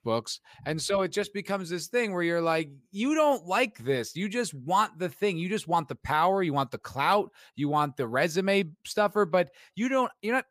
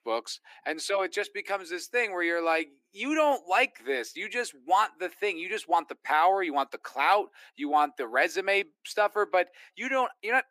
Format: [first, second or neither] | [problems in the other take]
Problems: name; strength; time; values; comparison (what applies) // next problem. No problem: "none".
first | thin; somewhat; fading below 300 Hz